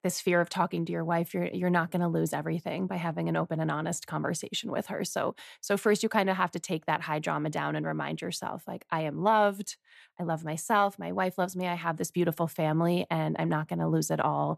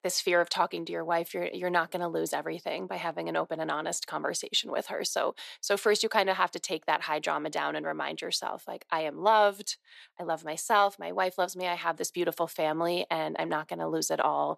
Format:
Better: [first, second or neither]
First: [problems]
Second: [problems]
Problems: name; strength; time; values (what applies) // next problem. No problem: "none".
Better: first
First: none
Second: thin; somewhat; fading below 450 Hz